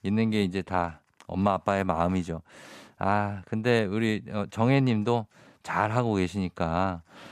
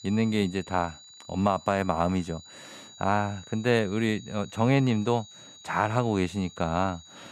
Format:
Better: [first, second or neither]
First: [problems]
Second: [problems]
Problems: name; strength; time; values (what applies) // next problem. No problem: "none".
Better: first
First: none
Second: high-pitched whine; noticeable; throughout; 4 kHz, 20 dB below the speech